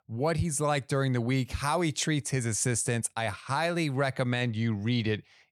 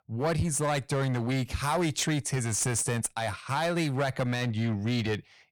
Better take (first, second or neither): first